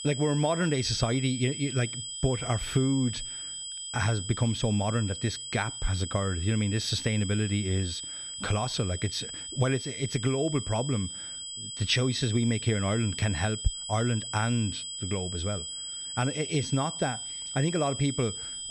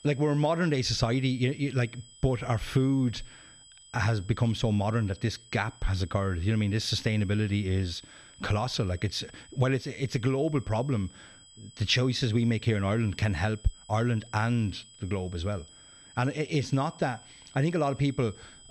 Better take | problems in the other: second | high-pitched whine; loud; throughout; 3 kHz, 6 dB below the speech; faint in the second

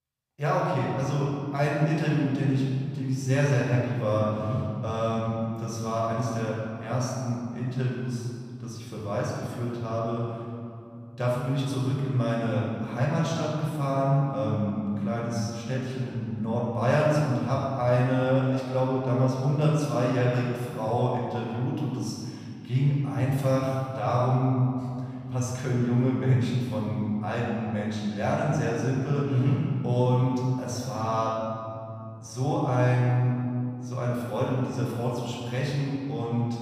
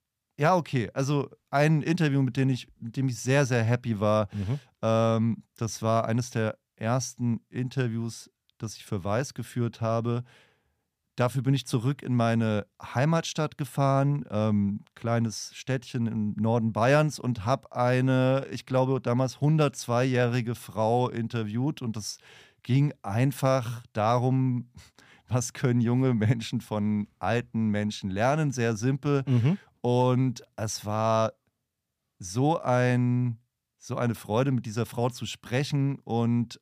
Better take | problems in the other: second | room echo; strong; dies away in 2.4 s // off-mic speech; far

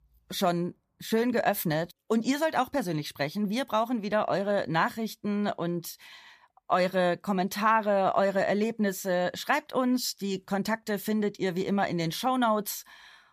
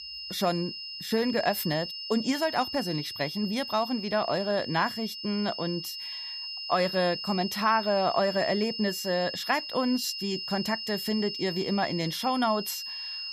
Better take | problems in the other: first | high-pitched whine; loud; throughout; 5 kHz, 6 dB below the speech

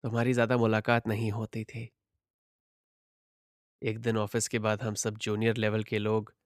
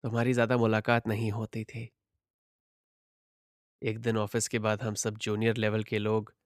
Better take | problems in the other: neither | none

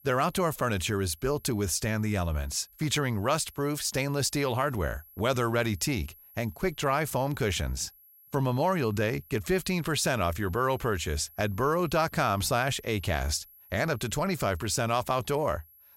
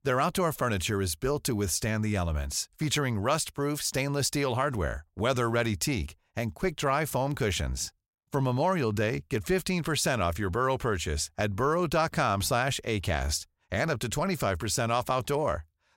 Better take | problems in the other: second | high-pitched whine; faint; throughout; 11.5 kHz, 25 dB below the speech

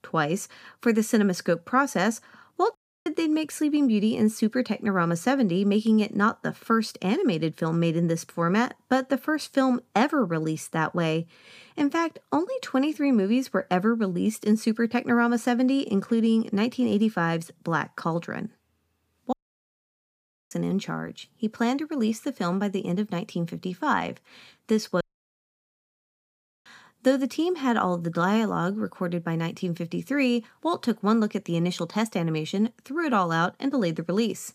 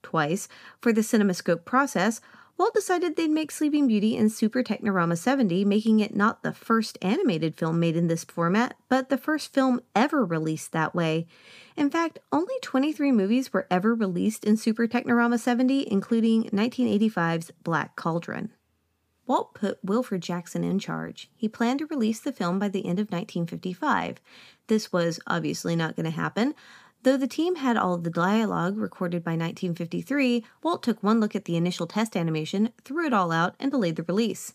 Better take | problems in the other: second | audio cutting out; at 3 s, at 19 s for 1 s and at 25 s for 1.5 s

